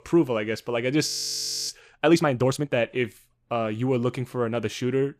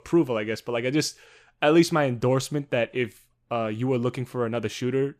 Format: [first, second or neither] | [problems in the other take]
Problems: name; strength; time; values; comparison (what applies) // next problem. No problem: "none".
second | audio freezing; at 1 s for 0.5 s